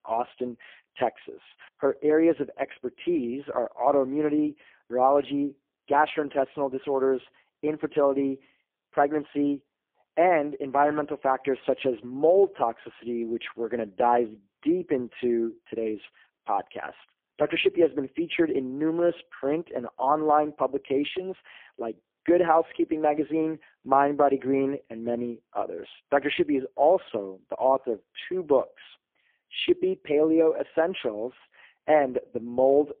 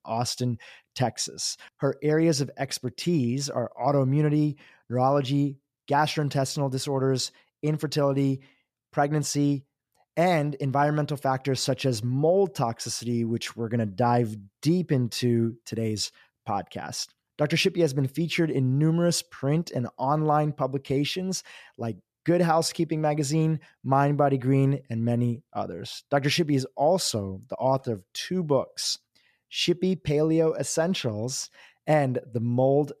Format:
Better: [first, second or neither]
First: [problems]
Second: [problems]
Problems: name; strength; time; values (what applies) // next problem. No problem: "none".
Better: second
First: phone-call audio; poor line; nothing above 3.5 kHz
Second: none